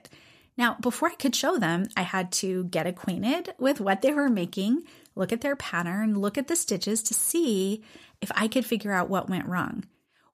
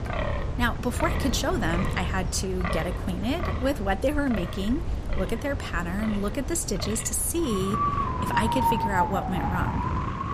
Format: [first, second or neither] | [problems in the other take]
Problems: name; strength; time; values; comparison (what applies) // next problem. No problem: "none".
first | wind in the background; loud; throughout; 1 dB below the speech